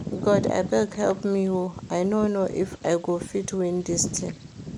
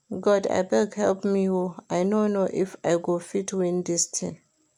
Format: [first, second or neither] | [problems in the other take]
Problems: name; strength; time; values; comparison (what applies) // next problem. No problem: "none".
second | background sound (Bird vocalization, bird call, bird song); 10 dB below the speech